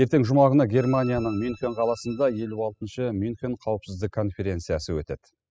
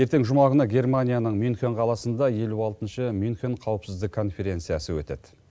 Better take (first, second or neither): second